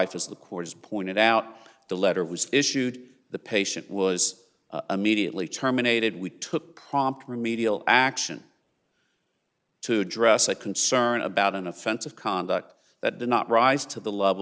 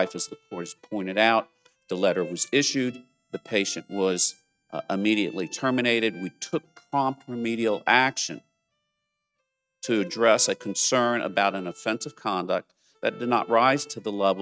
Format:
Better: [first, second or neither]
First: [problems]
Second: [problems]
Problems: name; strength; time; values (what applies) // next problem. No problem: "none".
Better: first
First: none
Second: noise reduction (neural mask model RNNoise)